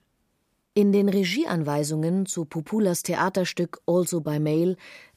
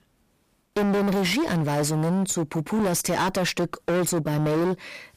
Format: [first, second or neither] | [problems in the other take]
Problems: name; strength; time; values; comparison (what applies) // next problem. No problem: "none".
first | distortion; heavy; 29% of the sound clipped